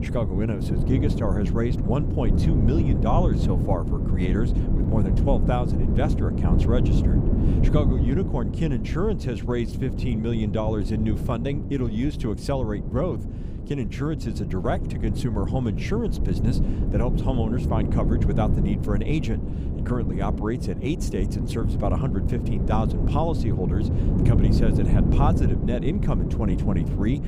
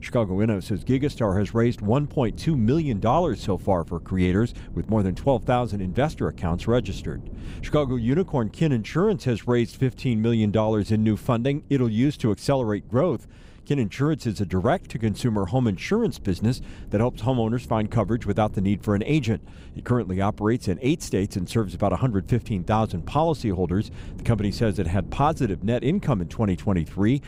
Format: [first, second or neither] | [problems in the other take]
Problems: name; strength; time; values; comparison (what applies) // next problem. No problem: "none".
second | wind noise on the microphone; heavy; 4 dB below the speech; occasional gusts in the second